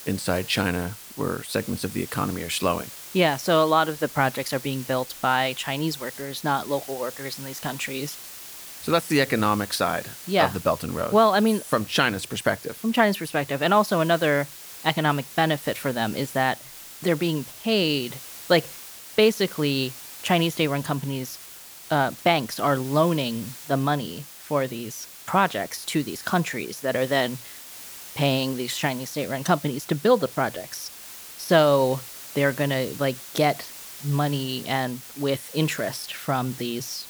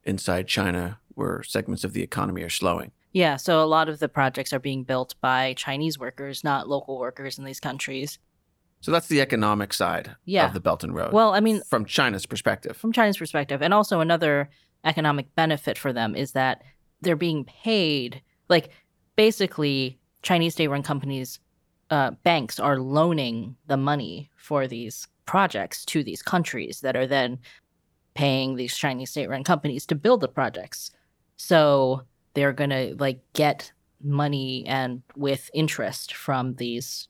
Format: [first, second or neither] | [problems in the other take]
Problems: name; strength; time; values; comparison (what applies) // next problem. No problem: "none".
second | hiss; noticeable; throughout; 15 dB below the speech